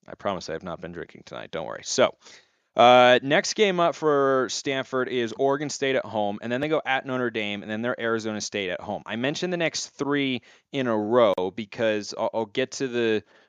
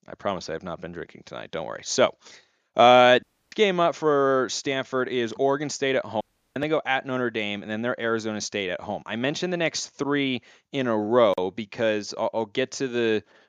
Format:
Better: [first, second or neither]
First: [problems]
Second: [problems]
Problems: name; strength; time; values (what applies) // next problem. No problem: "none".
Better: first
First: none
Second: audio cutting out; at 3 s and at 6 s